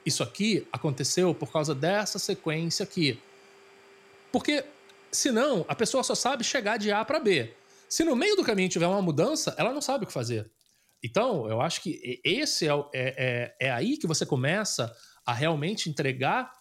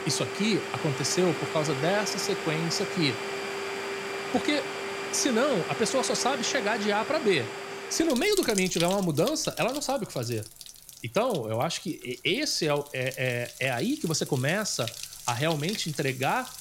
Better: first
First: household noises; faint; throughout; 30 dB below the speech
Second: household noises; loud; throughout; 7 dB below the speech

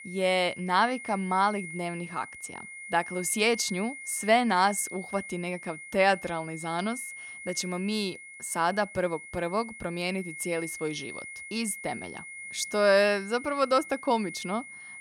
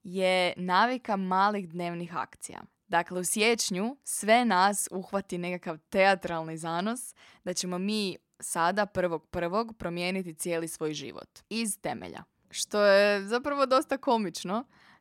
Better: second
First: high-pitched whine; noticeable; throughout; 2 kHz, 10 dB below the speech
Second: none

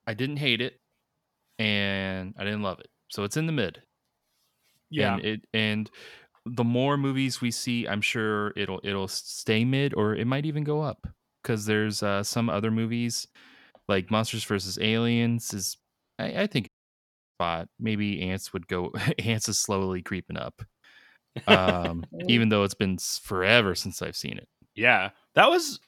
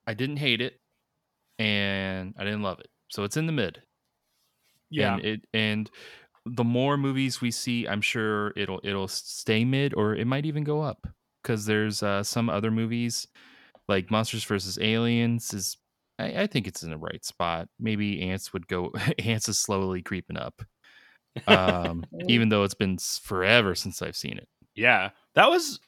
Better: second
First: audio cutting out; at 17 s for 0.5 s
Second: none

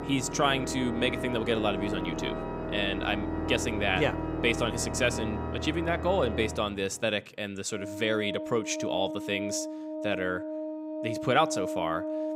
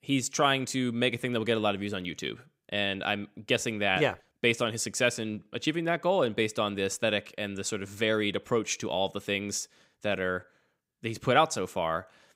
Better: second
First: background music; loud; throughout; 5 dB below the speech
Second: none

